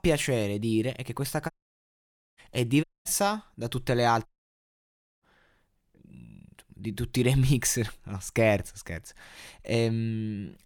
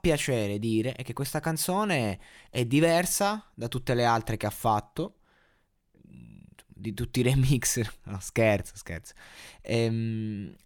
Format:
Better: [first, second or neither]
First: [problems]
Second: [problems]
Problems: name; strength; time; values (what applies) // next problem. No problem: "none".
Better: second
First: audio cutting out; at 1.5 s for 1 s, at 3 s and at 4.5 s for 1 s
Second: none